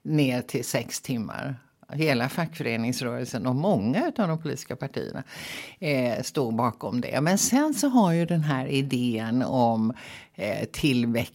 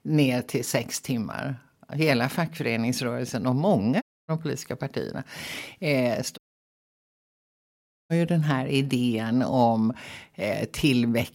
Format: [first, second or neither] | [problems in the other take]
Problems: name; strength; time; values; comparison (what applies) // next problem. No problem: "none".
first | audio cutting out; at 4 s and at 6.5 s for 1.5 s